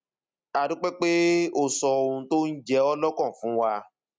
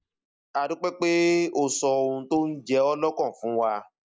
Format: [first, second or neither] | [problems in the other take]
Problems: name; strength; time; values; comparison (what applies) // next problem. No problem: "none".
first | noise reduction (neural mask model DeepFilterNet 3)